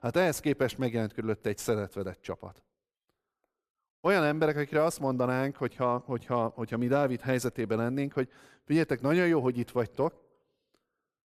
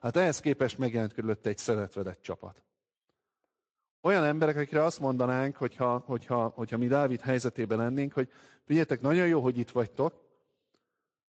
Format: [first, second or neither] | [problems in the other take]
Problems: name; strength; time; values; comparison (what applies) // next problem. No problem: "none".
first | garbled, watery; slightly; nothing above 7.5 kHz